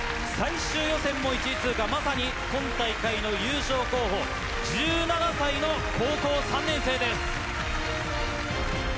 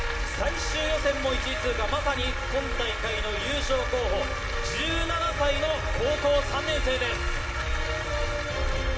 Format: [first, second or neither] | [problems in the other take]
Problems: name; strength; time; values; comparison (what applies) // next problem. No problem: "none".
first | room echo; dies away in 0.6 s